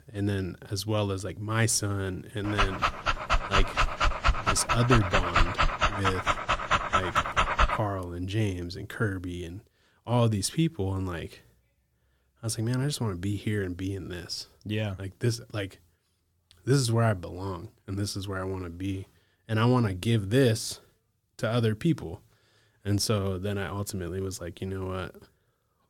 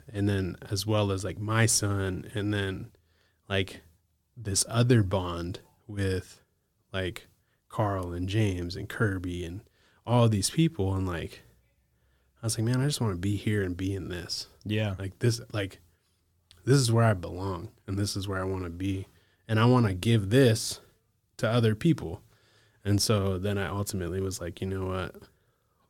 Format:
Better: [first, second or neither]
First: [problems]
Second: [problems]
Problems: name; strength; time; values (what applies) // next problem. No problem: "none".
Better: second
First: dog barking; loud; from 2.5 to 8 s; peak 5 dB above the speech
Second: none